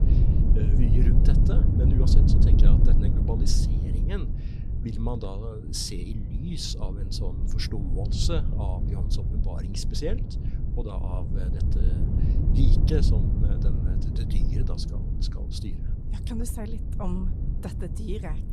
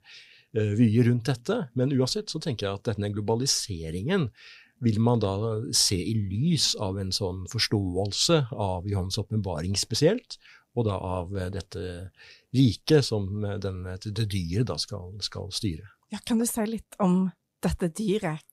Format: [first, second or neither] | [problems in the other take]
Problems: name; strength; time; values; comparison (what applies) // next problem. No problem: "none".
second | low rumble; loud; throughout; 2 dB below the speech